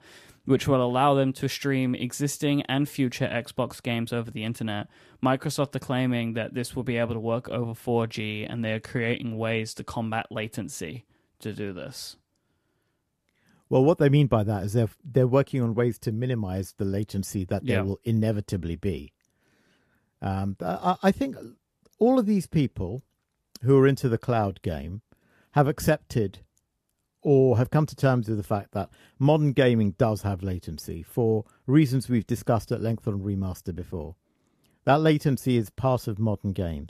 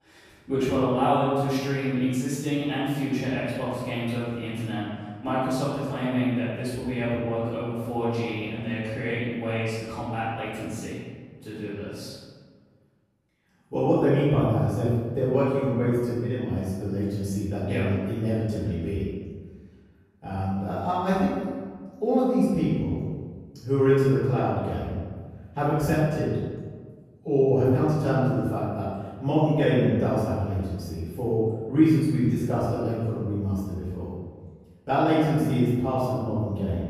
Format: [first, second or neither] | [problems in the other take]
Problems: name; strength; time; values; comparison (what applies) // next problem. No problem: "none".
first | off-mic speech; far // room echo; strong; dies away in 1.4 s